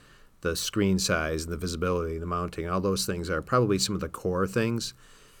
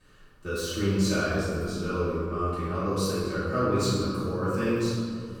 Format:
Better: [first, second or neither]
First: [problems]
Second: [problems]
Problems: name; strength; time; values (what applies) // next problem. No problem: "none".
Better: first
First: none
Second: room echo; strong; dies away in 2 s // off-mic speech; far